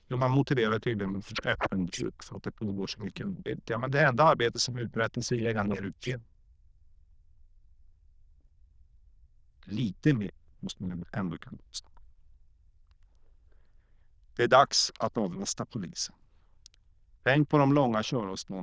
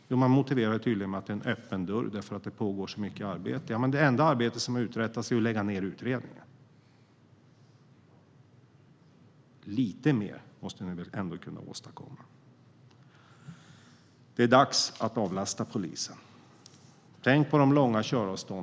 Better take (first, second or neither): second